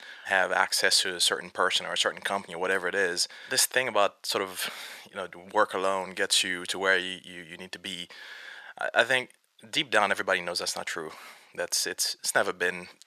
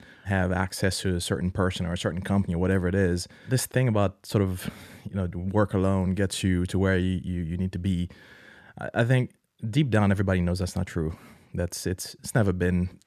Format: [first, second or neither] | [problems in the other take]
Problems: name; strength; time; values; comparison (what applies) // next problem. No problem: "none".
second | thin; very; fading below 750 Hz